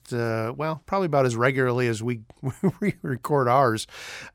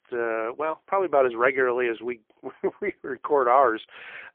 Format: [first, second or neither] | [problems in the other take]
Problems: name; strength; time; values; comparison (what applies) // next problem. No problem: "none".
first | phone-call audio; poor line; nothing above 3.5 kHz